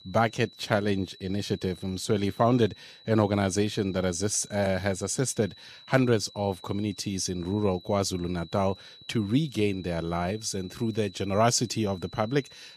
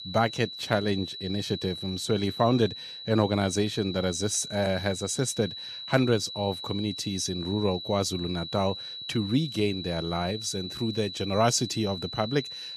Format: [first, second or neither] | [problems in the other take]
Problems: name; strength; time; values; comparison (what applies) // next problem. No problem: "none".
first | high-pitched whine; loud; throughout; 4 kHz, 8 dB below the speech; faint in the first